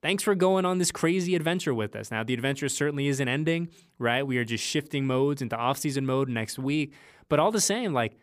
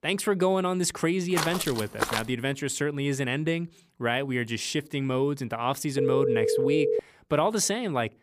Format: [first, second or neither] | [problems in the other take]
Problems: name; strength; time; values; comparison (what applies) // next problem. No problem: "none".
first | footsteps; noticeable; at 1.5 s; peak 2 dB below the speech // phone ringing; loud; from 6 to 7 s; peak 3 dB above the speech